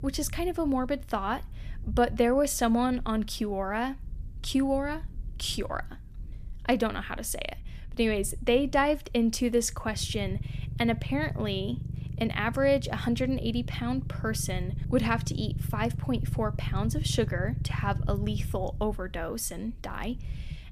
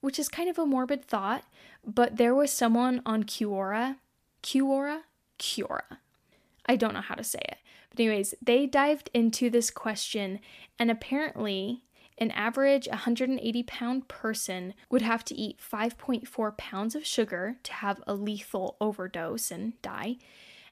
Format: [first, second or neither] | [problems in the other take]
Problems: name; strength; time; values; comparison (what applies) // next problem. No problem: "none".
second | low rumble; noticeable; throughout; 20 dB below the speech